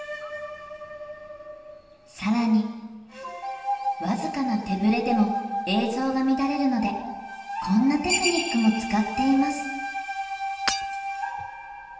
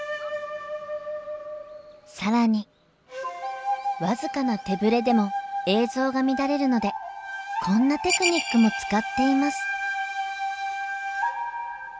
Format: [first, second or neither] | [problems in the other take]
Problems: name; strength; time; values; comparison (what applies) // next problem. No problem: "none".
second | background sound (Shatter / Hammer); 9 dB below the speech // room echo; dies away in 1.2 s